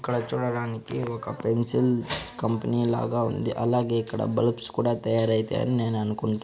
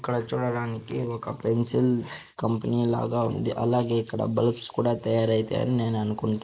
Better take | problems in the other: first | noise reduction (neural mask model Resemble Enhance denoiser)

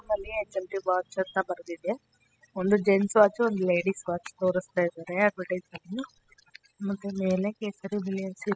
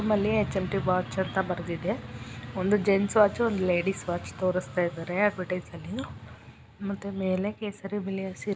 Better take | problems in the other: second | noise reduction (classical method spectral subtraction)

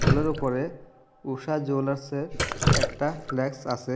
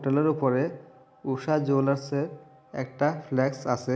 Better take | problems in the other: second | background sound (Drip); as loud as the speech

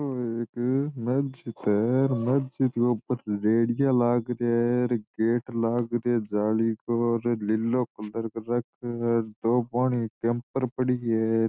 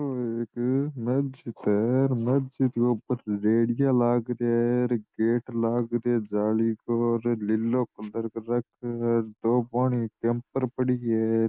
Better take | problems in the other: first | noise reduction (neural mask model Resemble Enhance denoiser)

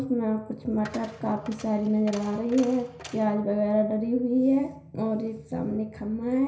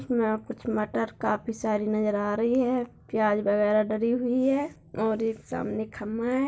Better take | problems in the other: second | background sound (Coin (dropping)); 19 dB below the speech // room echo; dies away in 0.5 s

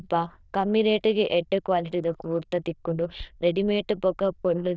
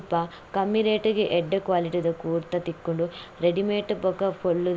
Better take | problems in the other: second | noise reduction (neural diffusion model UNIVERSE++)

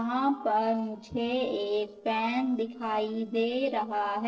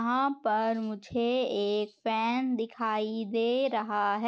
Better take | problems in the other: second | noise reduction (neural separator model SepFormer DNS4)

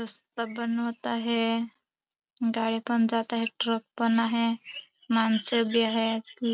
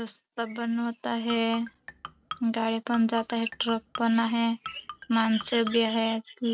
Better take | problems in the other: first | background sound (Marimba, xylophone); 14 dB below the speech

